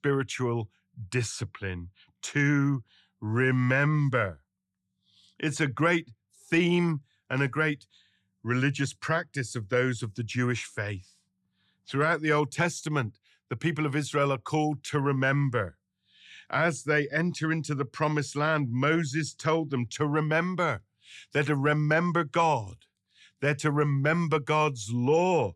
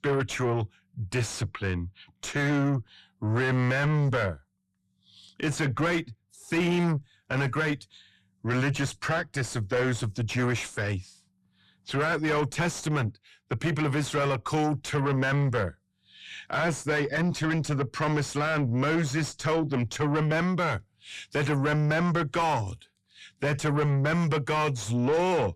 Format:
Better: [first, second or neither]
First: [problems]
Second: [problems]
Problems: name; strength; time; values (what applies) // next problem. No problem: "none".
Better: first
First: none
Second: distortion; heavy; 6 dB below the speech